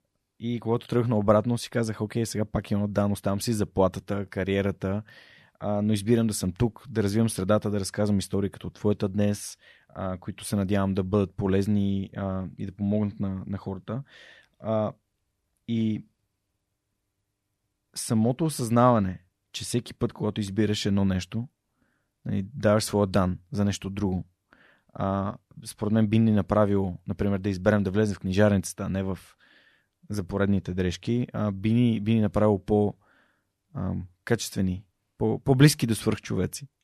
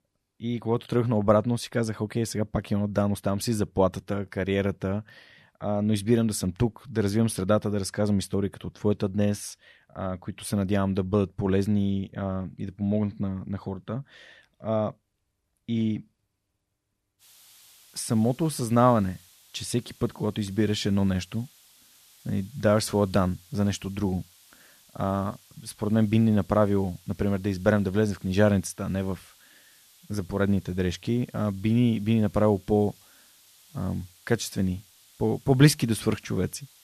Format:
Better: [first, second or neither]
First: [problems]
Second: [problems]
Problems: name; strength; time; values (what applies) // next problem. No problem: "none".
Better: first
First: none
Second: hiss; faint; from 17 s on; 25 dB below the speech